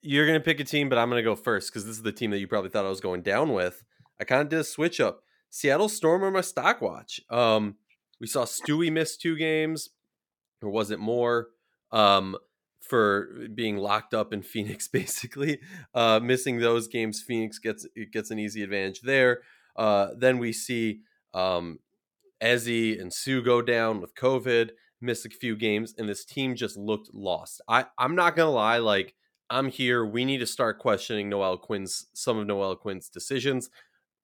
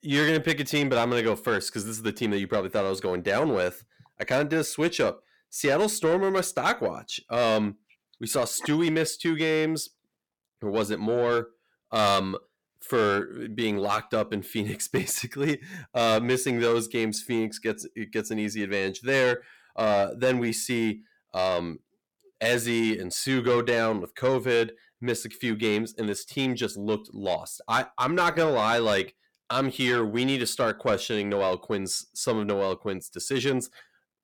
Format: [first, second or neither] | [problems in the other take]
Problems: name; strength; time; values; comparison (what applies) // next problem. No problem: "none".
first | distortion; slight; 10 dB below the speech